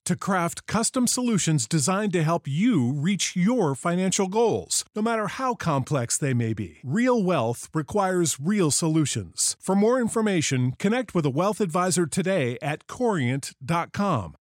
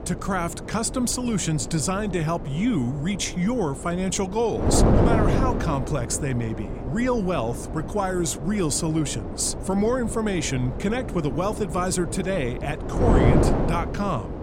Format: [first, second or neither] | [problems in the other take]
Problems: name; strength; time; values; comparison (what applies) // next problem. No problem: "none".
first | wind noise on the microphone; heavy; 4 dB below the speech